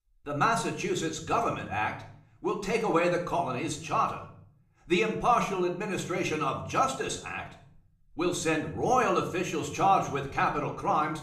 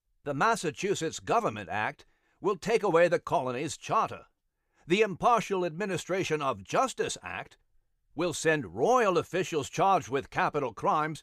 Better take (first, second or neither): second